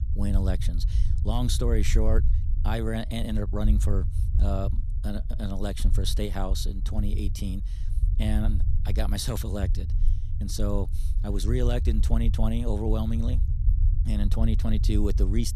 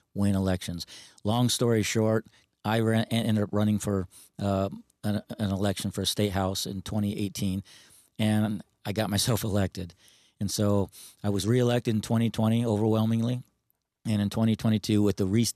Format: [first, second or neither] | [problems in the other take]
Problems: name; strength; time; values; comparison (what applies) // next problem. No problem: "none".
second | low rumble; noticeable; throughout; 10 dB below the speech